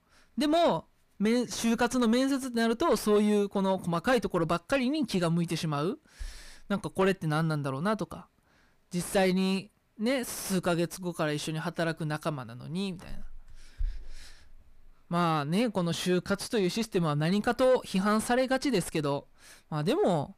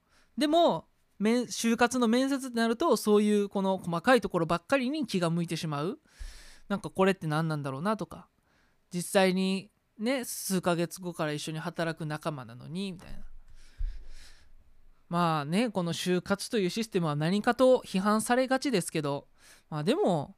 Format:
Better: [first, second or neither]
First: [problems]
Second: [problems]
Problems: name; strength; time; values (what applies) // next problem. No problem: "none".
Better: second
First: distortion; slight; 10 dB below the speech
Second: none